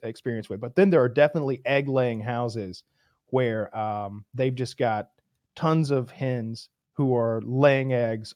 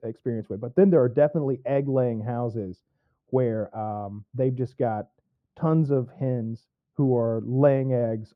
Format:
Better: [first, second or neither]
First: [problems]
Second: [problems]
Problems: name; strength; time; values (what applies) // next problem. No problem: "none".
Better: first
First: none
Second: muffled; very; fading above 1 kHz